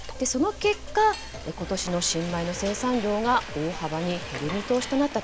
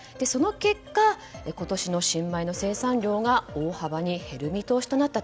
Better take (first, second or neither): second